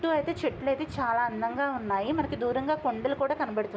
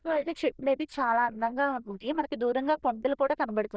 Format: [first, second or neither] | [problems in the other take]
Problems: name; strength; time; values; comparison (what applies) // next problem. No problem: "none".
first | noise reduction (neural diffusion model UNIVERSE++)